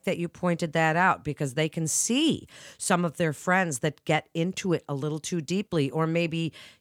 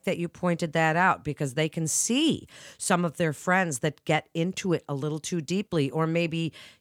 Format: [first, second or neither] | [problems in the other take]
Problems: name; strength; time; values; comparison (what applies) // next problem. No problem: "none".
neither | none